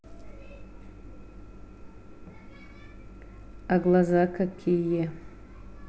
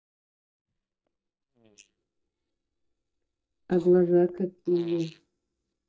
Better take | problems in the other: first | noise reduction (neural mask model DeepFilterNet 3)

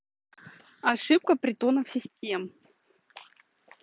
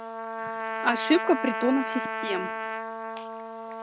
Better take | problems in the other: first | background sound (Trumpet); 4 dB below the speech

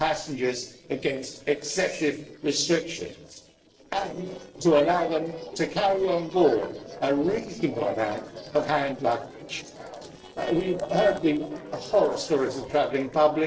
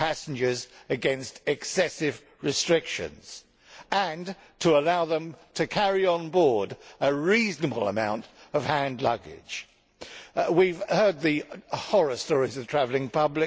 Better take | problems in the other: second | noise reduction (neural separator model SepFormer DNS4)

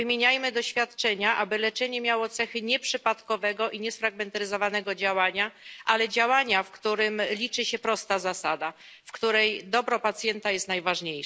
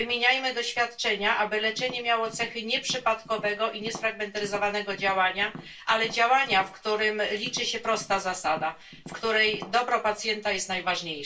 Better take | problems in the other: first | background sound (Tap); 18 dB below the speech // room echo; dies away in 0.2 s

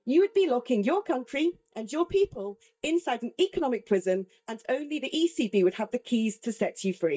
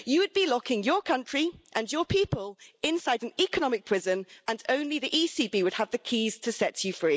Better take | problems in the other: second | noise reduction (neural mask model DeepFilterNet 3)

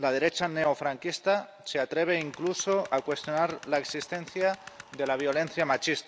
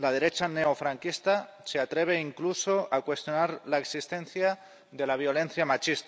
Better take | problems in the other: second | background sound (Tools); 19 dB below the speech

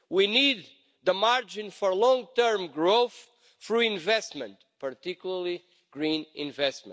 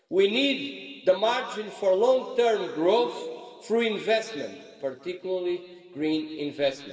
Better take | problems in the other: first | room echo; dies away in 2 s

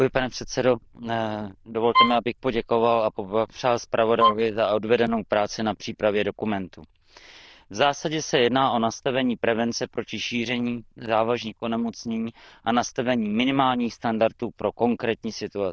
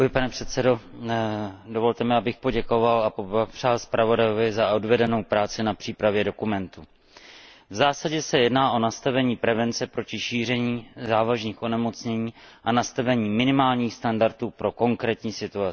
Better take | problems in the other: second | noise reduction (neural diffusion model UNIVERSE++)

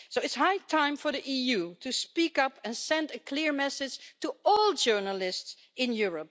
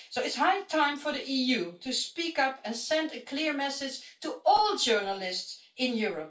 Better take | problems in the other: first | room echo; dies away in 0.3 s

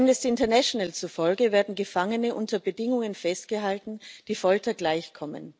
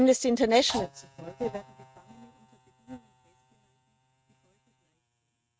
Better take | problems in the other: first | noise reduction (neural mask model RNNoise)

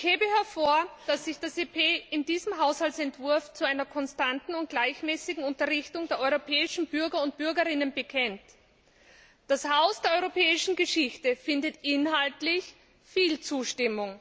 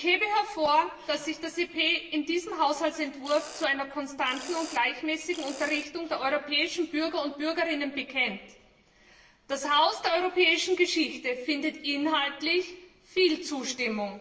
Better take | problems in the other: first | background sound (Mechanisms); 17 dB below the speech // room echo; dies away in 0.8 s

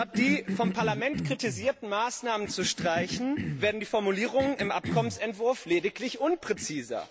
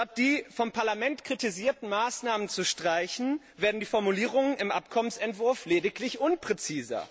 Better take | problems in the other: second | background sound (Cough); 7 dB below the speech

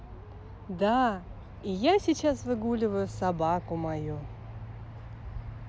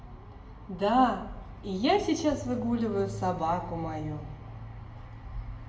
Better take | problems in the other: first | room echo; dies away in 0.7 s

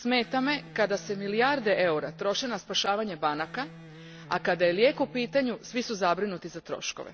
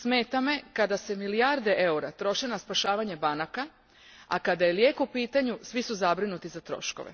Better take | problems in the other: second | background sound (Electric guitar); 20 dB below the speech

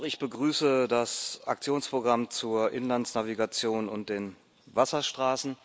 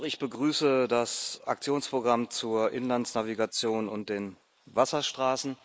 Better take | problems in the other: first | noise reduction (neural mask model Resemble Enhance denoiser)

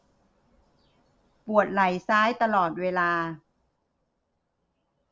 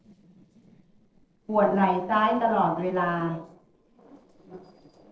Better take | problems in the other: first | noise reduction (neural separator model SepFormer DNS4)

